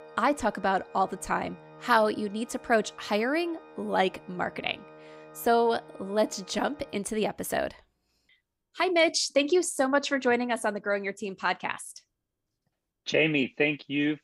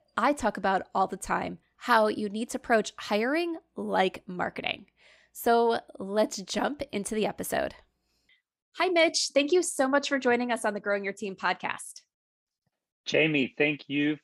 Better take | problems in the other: second | background music; faint; throughout; 20 dB below the speech

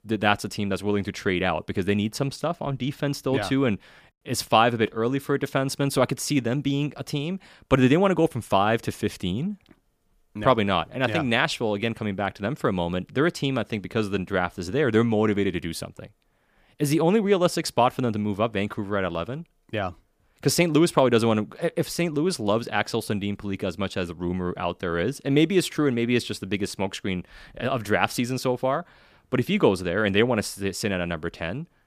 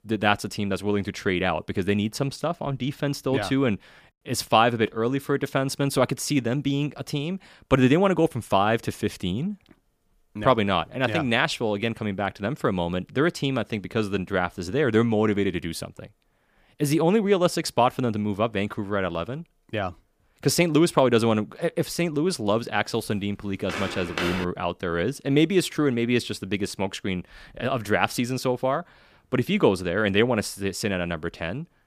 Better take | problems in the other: first | footsteps; noticeable; at 24 s; peak 4 dB below the speech

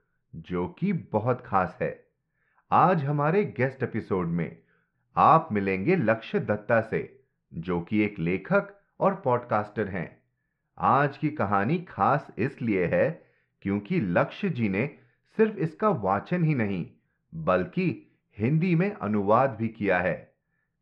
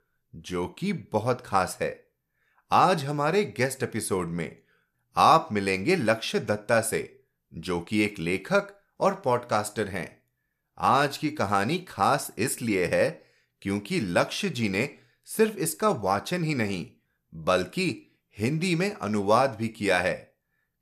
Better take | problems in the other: second | muffled; very; fading above 2 kHz

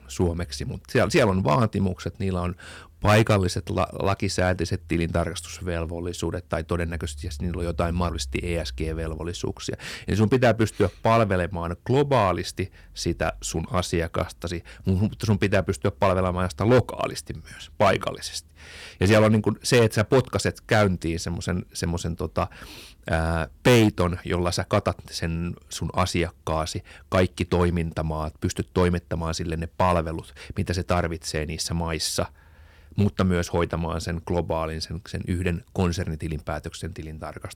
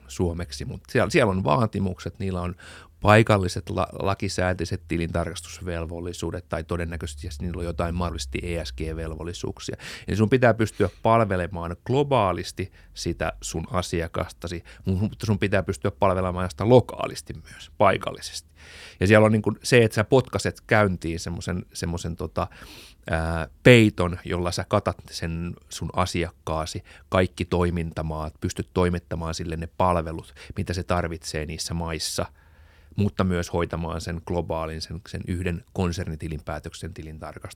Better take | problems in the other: second | distortion; slight; 2% of the sound clipped

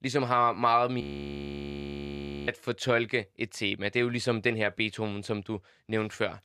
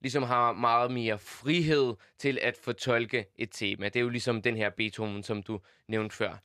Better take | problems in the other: second | audio freezing; at 1 s for 1.5 s

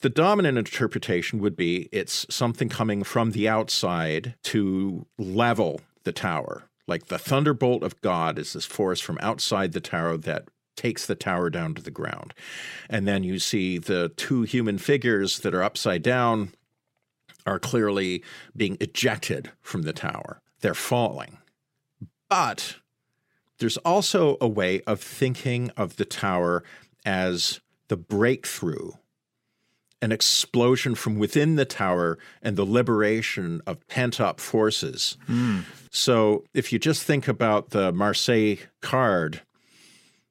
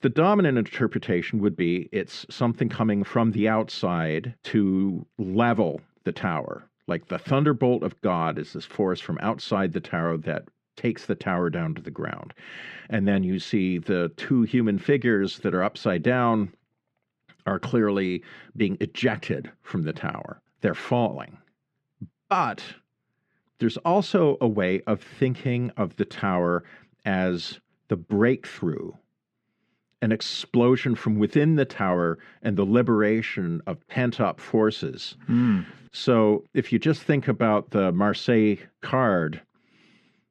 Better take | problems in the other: first | muffled; slightly; fading above 2.5 kHz

